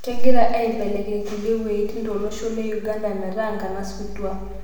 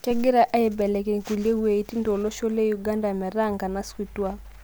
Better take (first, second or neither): second